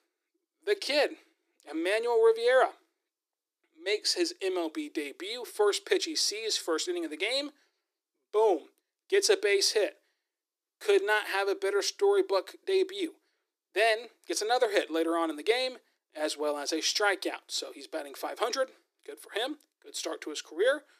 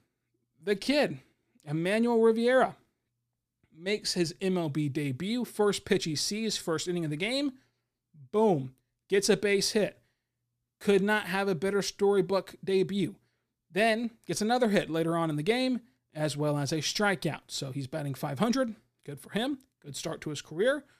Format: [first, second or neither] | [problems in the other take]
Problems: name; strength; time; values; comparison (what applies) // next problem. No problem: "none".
second | thin; very; fading below 300 Hz